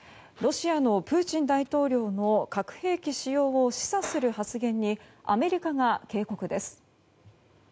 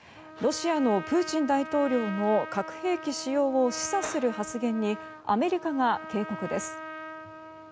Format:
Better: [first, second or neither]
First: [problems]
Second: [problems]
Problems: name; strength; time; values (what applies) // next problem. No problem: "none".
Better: first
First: none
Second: background sound (Trumpet); 12 dB below the speech